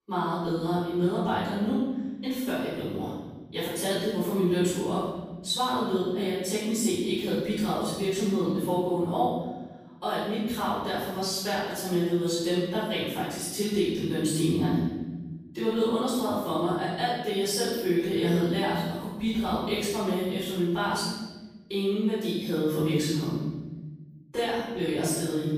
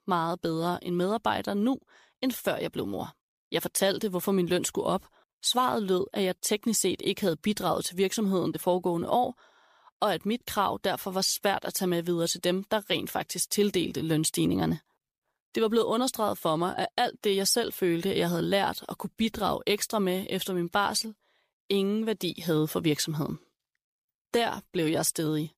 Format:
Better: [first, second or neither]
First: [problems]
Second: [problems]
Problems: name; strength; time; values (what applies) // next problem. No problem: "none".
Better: second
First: room echo; strong; dies away in 1.4 s // off-mic speech; far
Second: none